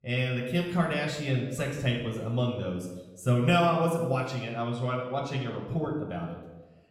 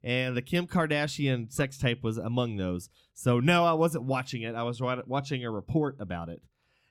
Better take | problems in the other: second | room echo; noticeable; dies away in 0.8 s // off-mic speech; somewhat distant

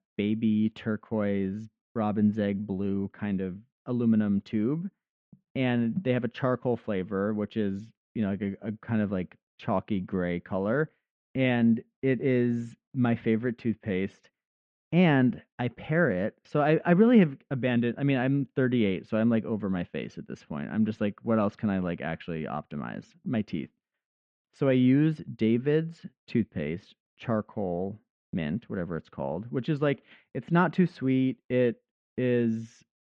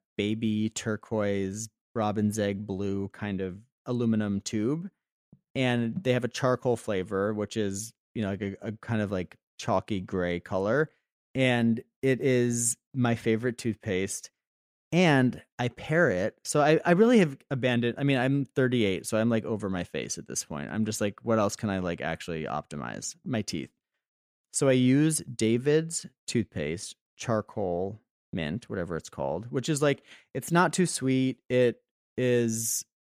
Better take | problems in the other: second | muffled; very; fading above 3 kHz

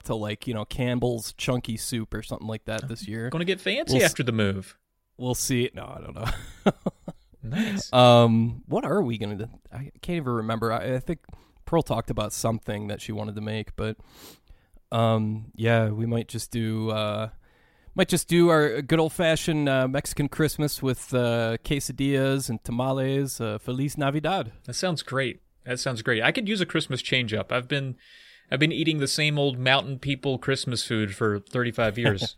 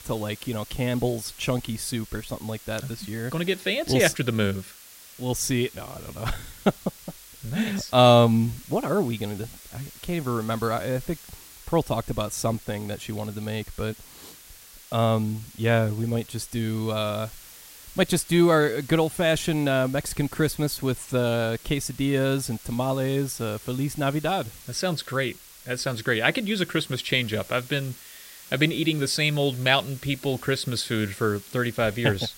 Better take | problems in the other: first | hiss; noticeable; throughout; 20 dB below the speech

